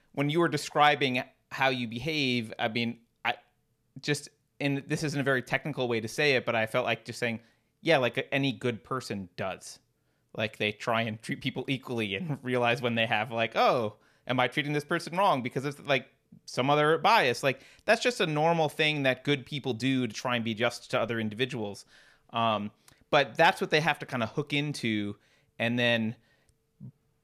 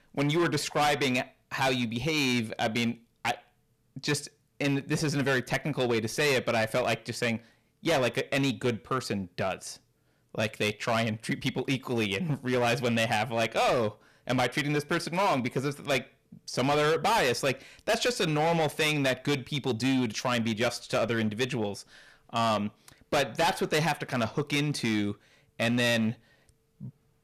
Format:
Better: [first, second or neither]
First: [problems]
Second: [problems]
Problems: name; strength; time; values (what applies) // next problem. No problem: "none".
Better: first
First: none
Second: distortion; heavy; 11% of the sound clipped